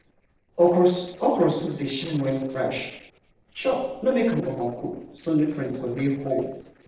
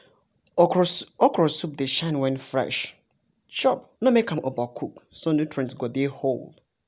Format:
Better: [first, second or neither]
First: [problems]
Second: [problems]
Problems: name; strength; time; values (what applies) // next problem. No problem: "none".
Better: second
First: noise reduction (neural separator model SepFormer DNS4)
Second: none